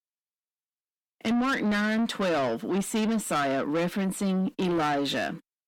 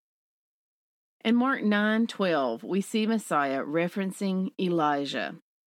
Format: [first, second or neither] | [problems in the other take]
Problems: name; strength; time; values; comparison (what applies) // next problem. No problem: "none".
second | distortion; heavy; 8 dB below the speech